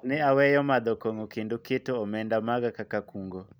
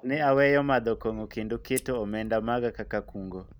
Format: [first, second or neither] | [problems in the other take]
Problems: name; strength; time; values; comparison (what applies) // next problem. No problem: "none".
first | background sound (Scissors); 18 dB below the speech